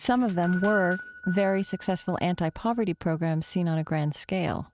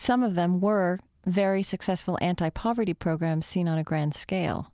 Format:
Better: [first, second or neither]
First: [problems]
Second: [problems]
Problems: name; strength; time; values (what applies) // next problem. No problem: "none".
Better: second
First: noise reduction (neural mask model RNNoise)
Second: none